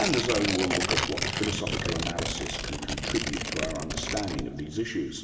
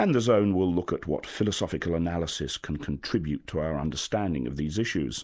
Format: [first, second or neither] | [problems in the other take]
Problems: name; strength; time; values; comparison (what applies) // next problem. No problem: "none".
second | background sound (Tearing); as loud as the speech // room echo; dies away in 1.7 s